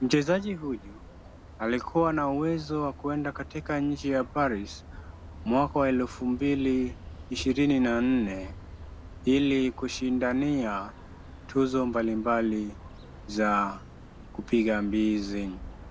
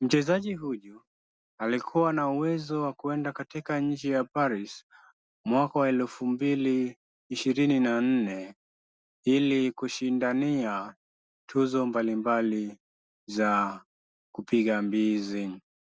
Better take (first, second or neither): second